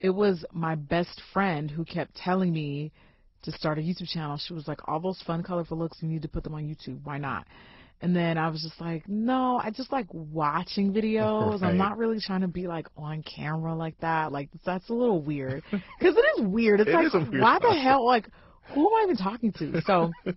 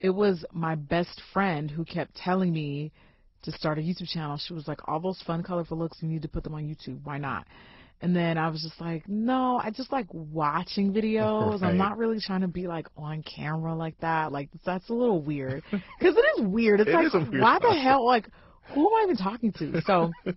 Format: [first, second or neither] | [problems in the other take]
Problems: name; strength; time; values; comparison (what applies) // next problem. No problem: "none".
neither | garbled, watery; badly; nothing above 5.5 kHz; the same in both